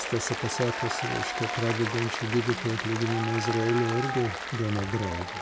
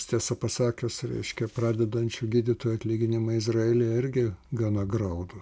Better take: second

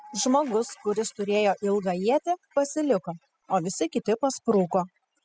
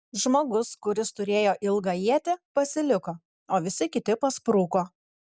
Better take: second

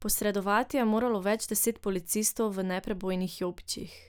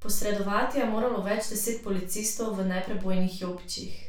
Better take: first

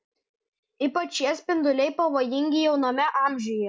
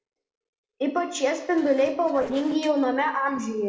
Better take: first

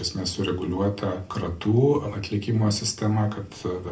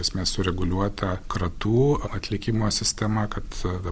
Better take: second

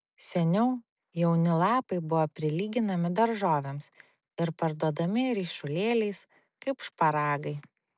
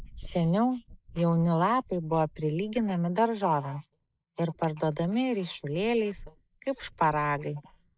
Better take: first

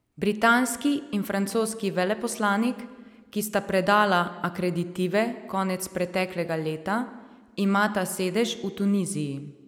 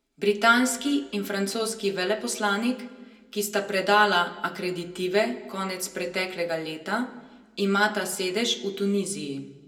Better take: first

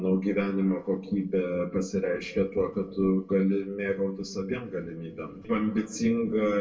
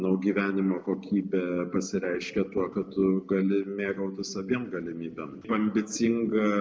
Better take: second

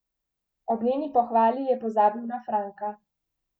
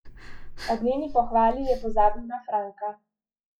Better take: first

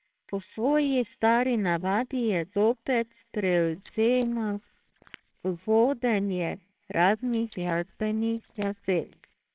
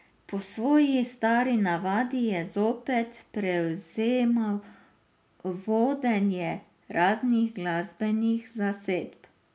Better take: second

